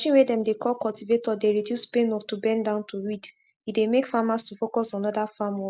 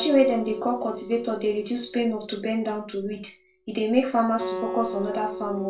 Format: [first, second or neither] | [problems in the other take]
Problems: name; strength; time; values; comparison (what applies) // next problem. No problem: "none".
first | background sound (Acoustic guitar); 11 dB below the speech // room echo; dies away in 0.2 s